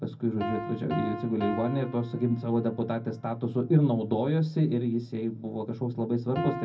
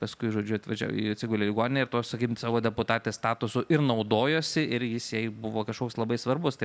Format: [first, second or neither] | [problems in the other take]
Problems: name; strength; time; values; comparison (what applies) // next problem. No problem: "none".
second | background sound (Piano); 12 dB below the speech // room echo; dies away in 0.4 s